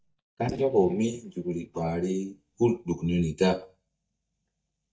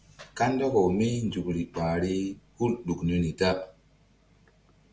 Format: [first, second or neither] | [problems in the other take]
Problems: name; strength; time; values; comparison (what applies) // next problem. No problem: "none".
second | noise reduction (neural mask model DeepFilterNet 3)